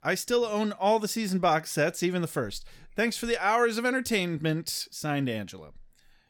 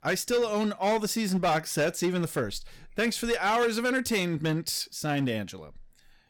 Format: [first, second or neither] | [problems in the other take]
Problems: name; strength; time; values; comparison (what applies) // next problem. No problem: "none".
first | distortion; slight; 7% of the sound clipped